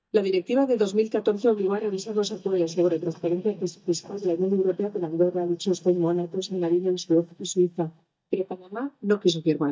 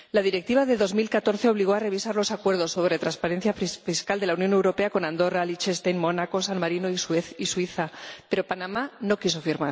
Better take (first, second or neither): second